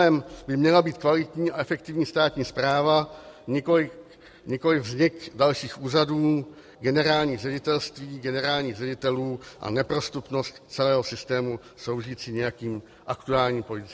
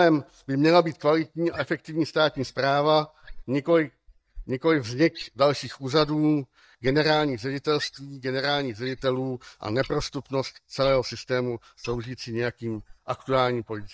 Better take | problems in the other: first | noise reduction (neural mask model DeepFilterNet 3)

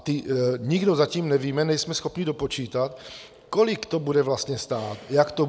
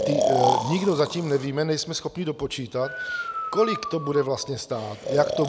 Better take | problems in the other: first | background sound (Breathing); 3 dB below the speech

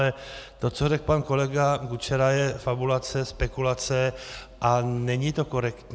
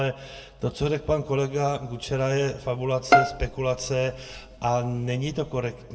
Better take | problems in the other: first | background sound (Bowed string instrument); 1 dB below the speech // room echo; dies away in 1.2 s

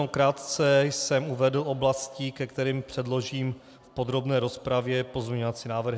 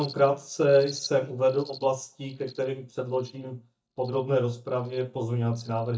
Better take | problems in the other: first | noise reduction (neural mask model DeepFilterNet 3)

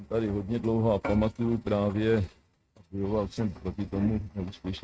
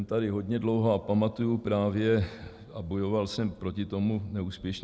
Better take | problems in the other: second | noise reduction (neural mask model RNNoise)

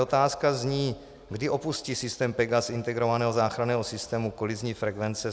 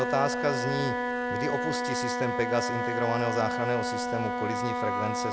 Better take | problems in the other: first | background sound (Wind instrument, woodwind instrument); 1 dB above the speech

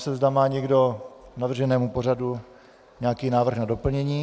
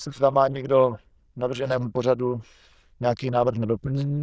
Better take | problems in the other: first | noise reduction (neural diffusion model UNIVERSE++)

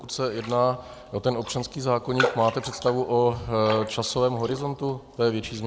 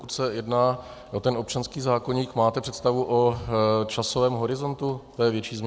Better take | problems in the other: second | background sound (Raindrop); 11 dB below the speech

